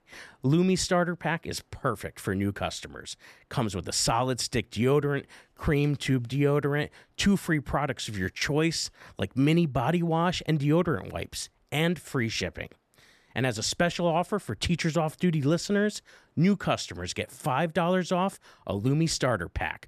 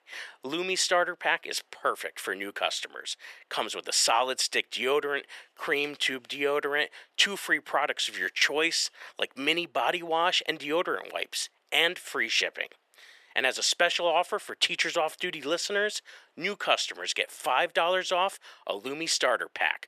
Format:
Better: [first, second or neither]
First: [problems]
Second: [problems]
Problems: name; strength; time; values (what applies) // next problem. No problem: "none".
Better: first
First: none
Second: thin; very; fading below 450 Hz